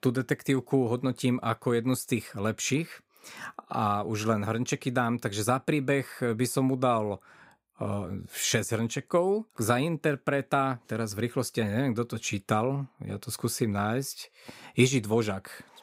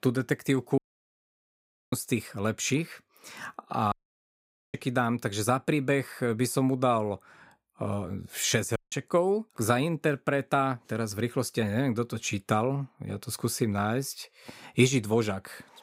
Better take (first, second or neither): first